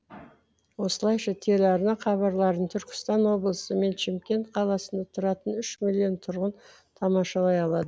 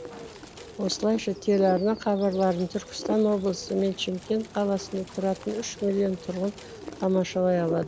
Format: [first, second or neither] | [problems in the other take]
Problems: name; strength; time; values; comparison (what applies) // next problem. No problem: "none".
first | background sound (Wind + Bird); 14 dB below the speech